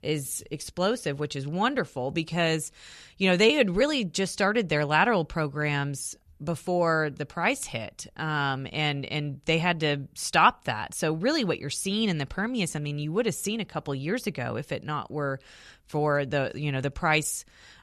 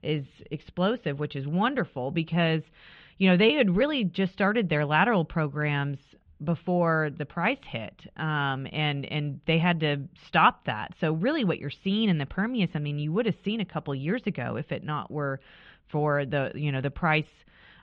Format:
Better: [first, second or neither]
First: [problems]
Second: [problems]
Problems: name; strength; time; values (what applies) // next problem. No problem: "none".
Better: first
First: none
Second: muffled; very; fading above 3.5 kHz